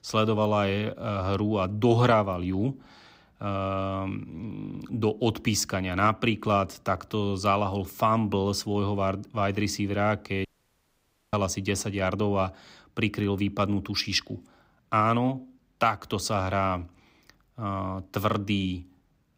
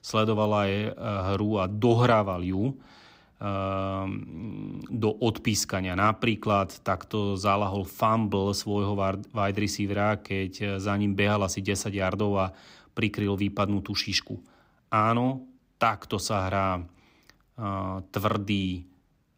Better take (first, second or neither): second